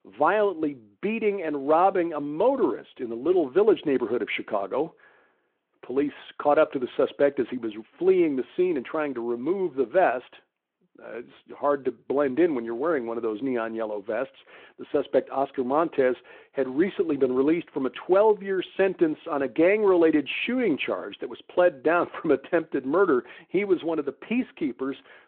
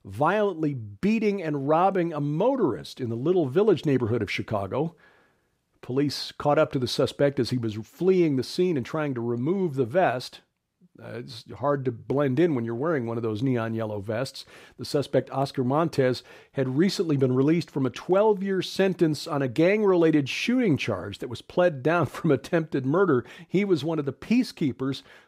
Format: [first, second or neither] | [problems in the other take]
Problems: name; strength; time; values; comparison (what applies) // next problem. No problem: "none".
second | phone-call audio